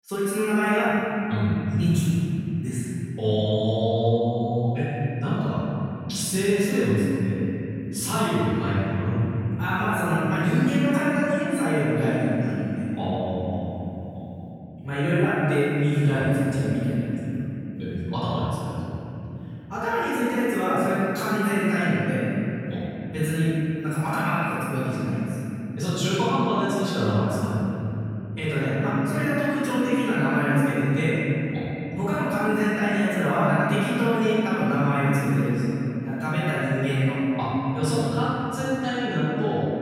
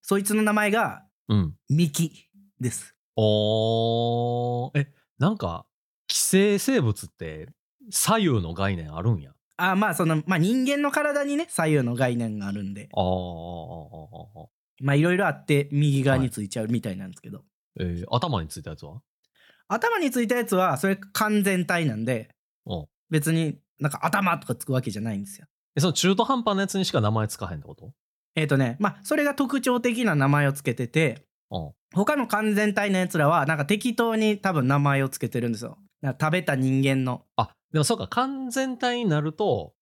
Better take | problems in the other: second | room echo; strong; dies away in 3 s // off-mic speech; far

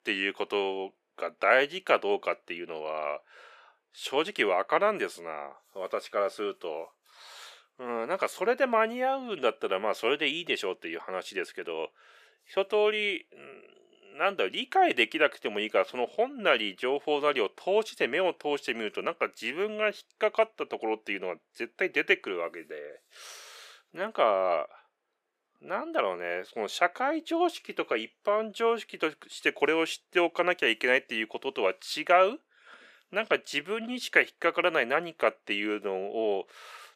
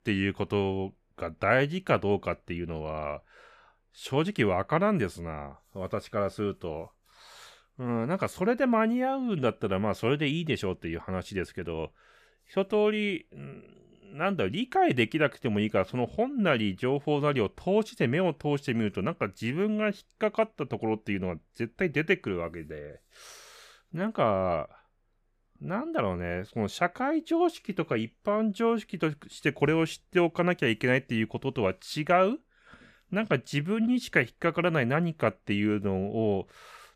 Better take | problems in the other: second | thin; very; fading below 400 Hz

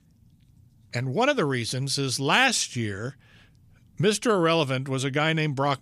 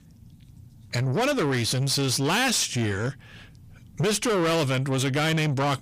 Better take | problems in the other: first | distortion; heavy; 6 dB below the speech

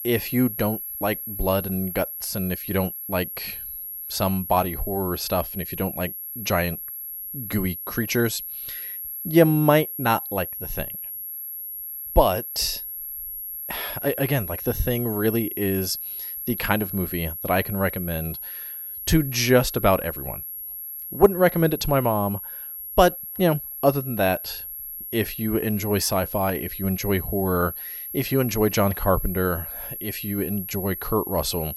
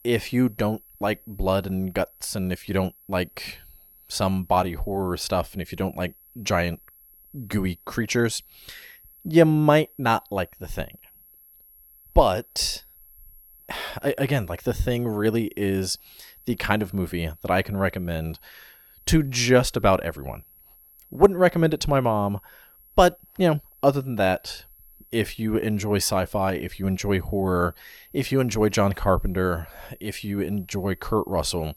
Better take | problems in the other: second | high-pitched whine; loud; throughout; 11.5 kHz, 7 dB below the speech; faint in the second

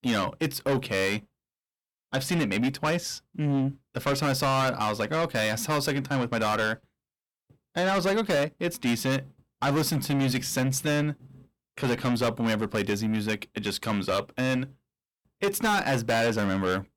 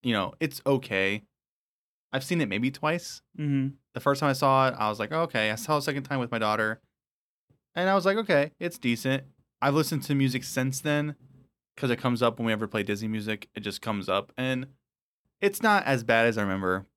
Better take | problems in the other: second | distortion; heavy; 6 dB below the speech

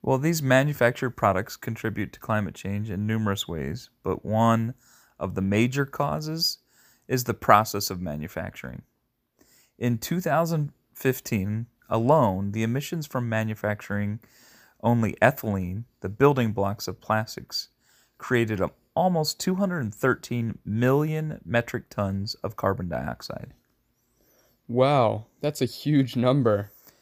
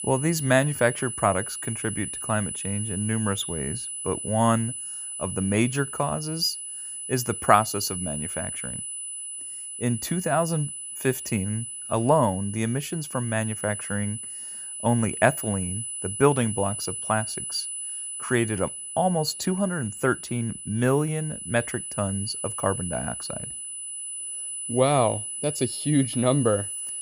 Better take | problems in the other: first | high-pitched whine; loud; throughout; 10 kHz, 5 dB below the speech

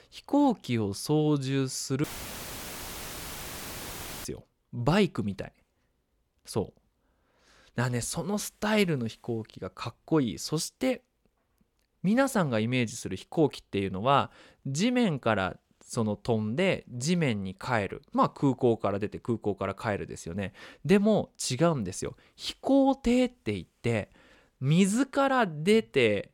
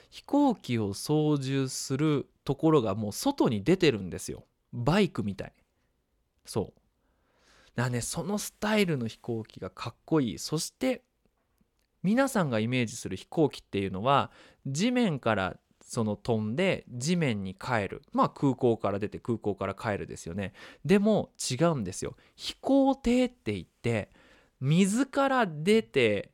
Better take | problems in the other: second | audio cutting out; filled with static; at 2 s for 2 s

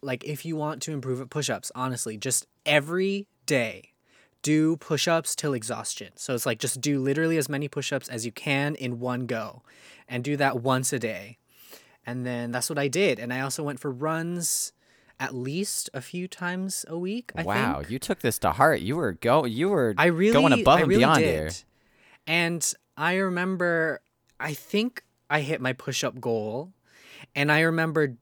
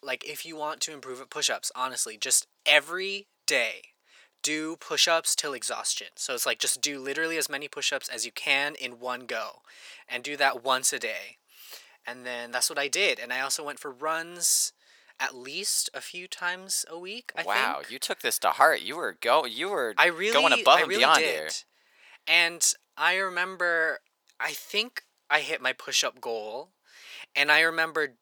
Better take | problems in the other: first | thin; very; fading below 650 Hz

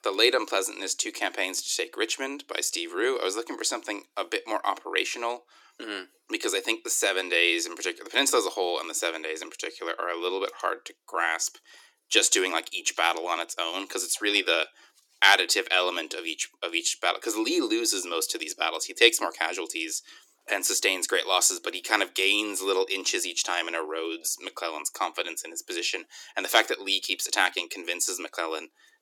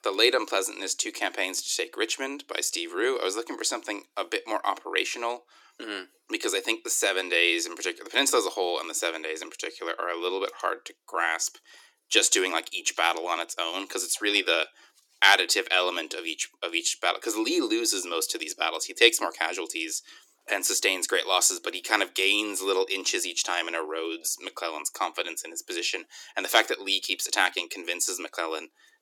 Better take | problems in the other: neither | thin; somewhat; fading below 300 Hz; the same in both

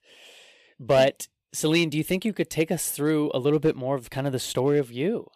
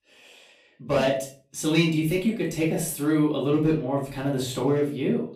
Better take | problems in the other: first | room echo; slight; dies away in 0.3 s // off-mic speech; far

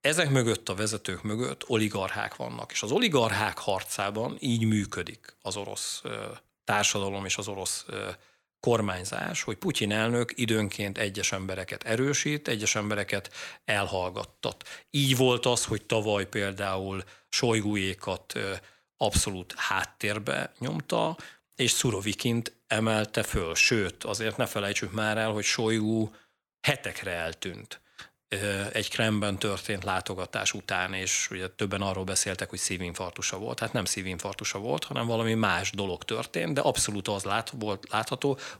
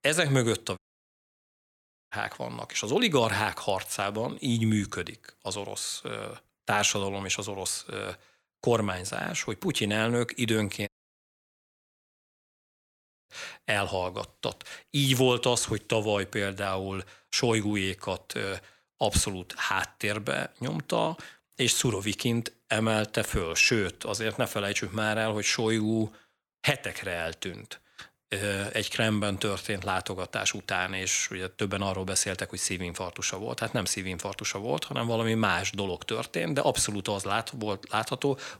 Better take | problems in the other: first | audio cutting out; at 1 s for 1.5 s and at 11 s for 2.5 s

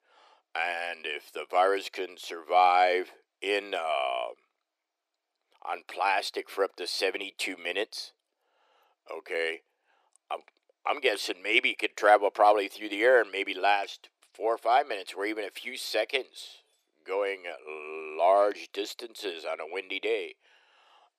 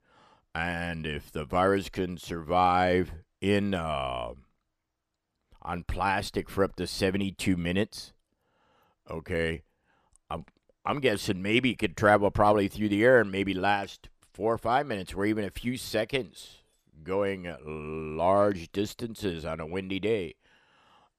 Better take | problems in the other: second | thin; very; fading below 350 Hz

